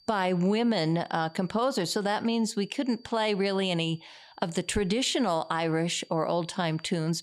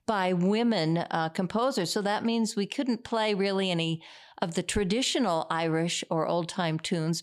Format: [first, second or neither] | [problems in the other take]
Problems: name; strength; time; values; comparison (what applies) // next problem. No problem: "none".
second | high-pitched whine; faint; throughout; 4.5 kHz, 30 dB below the speech